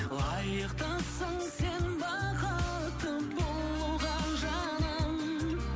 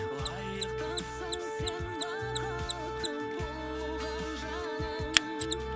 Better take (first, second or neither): first